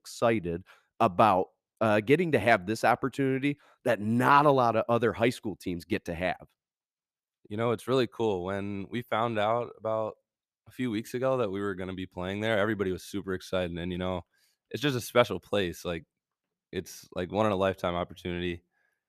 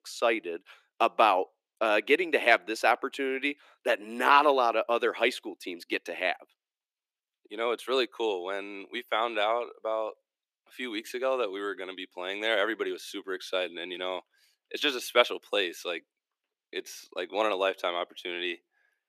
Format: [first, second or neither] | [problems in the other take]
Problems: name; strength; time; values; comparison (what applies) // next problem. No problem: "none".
first | thin; somewhat; fading below 300 Hz